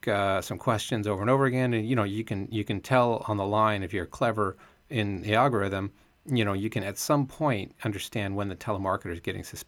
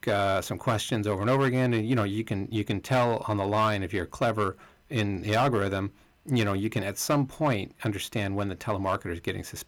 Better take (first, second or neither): first